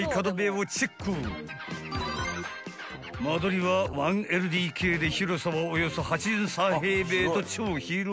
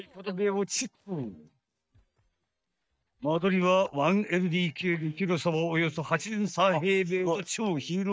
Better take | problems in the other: first | noise reduction (neural mask model DeepFilterNet 3)

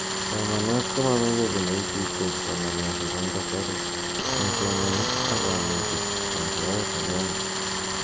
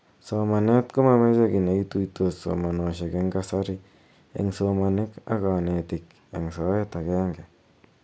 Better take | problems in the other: second | background sound (Tools); 2 dB above the speech

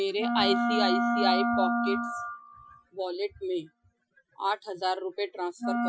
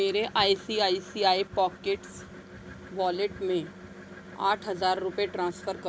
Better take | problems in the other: second | noise reduction (classical method Wiener filter)

